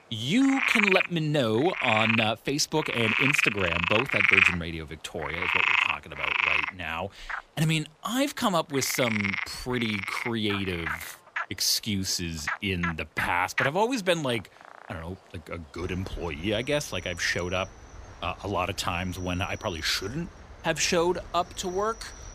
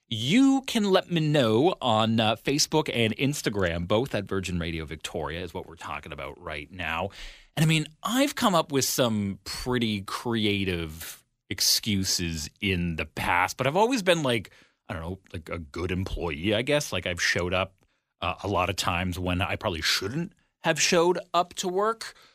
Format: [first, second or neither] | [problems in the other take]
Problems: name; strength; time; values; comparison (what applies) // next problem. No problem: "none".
second | animal sounds; very loud; throughout; 2 dB above the speech